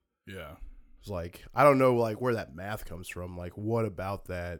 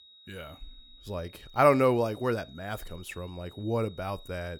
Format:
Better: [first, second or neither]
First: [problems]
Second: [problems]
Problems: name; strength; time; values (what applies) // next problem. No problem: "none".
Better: first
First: none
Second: high-pitched whine; faint; throughout; 4 kHz, 25 dB below the speech